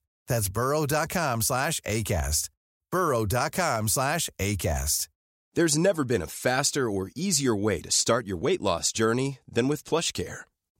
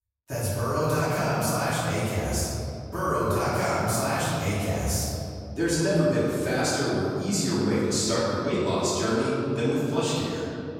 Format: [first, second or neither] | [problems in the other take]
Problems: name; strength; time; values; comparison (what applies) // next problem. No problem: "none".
first | room echo; strong; dies away in 2.8 s // off-mic speech; far